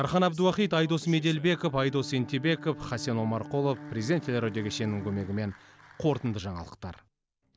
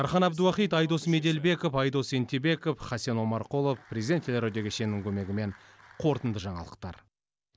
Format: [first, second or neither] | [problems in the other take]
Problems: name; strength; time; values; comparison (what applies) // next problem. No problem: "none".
second | background sound (Bowed string instrument); 17 dB below the speech